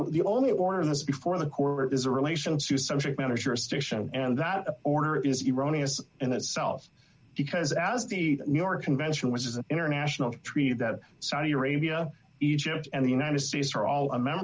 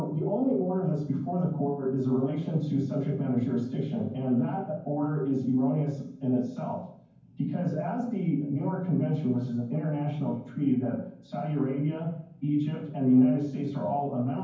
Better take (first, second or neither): first